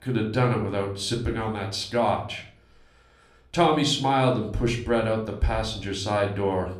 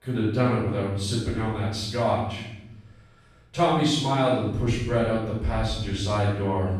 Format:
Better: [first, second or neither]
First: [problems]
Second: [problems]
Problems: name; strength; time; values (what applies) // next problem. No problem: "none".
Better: first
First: room echo; slight; dies away in 0.4 s // off-mic speech; somewhat distant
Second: room echo; strong; dies away in 1 s // off-mic speech; far